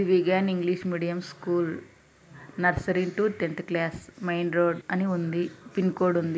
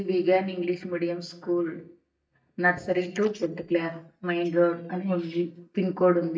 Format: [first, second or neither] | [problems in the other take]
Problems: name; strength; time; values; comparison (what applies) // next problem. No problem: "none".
first | noise reduction (neural mask model DeepFilterNet 3)